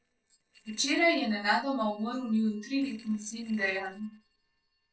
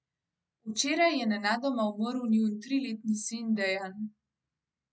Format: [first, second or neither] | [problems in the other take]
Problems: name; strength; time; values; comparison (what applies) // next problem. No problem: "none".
second | noise reduction (neural separator model SepFormer DNS4)